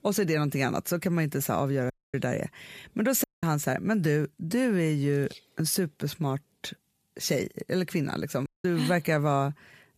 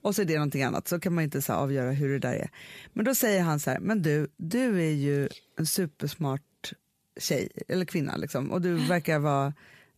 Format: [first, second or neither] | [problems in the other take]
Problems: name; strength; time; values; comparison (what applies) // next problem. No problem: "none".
second | audio cutting out; at 2 s, at 3 s and at 8.5 s